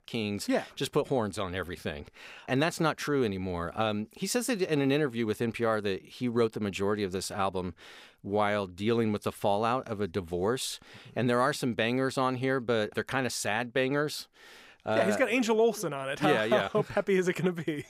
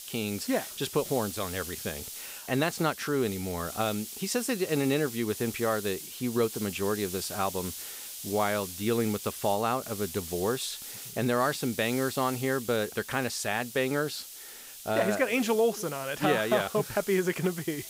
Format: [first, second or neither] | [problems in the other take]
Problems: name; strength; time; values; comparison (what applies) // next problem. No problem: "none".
first | hiss; loud; throughout; 10 dB below the speech